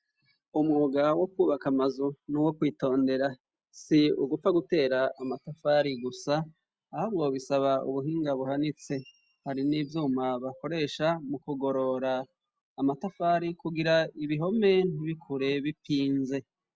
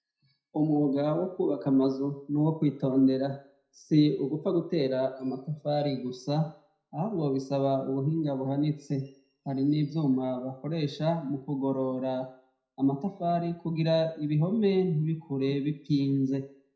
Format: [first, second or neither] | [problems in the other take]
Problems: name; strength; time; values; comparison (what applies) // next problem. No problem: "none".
first | room echo; dies away in 0.5 s